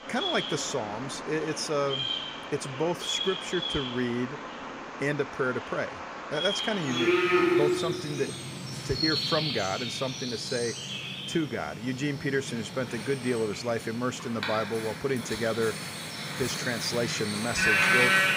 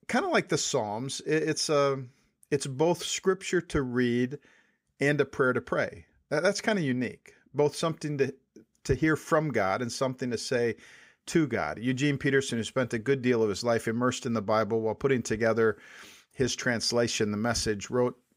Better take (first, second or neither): second